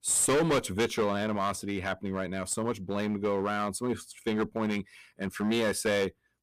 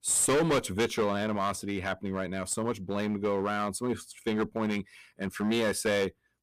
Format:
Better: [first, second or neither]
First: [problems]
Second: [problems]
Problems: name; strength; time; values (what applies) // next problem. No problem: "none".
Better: neither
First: distortion; heavy; 9% of the sound clipped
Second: distortion; heavy; 9% of the sound clipped